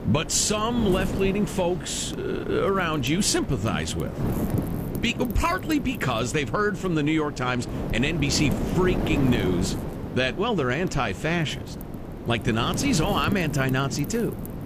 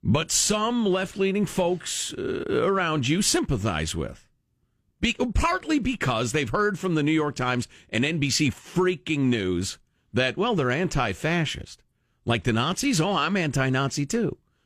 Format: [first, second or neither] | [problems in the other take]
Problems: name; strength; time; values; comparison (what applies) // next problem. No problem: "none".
second | wind noise on the microphone; heavy; 10 dB below the speech